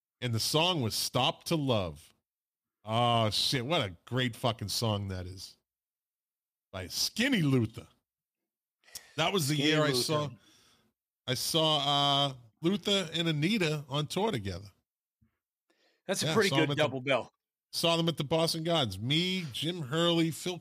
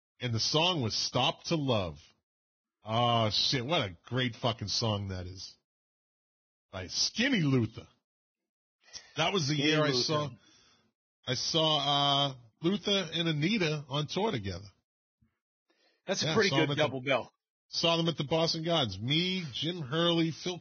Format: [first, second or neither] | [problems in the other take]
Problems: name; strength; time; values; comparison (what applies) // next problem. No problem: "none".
first | garbled, watery; badly; nothing above 6 kHz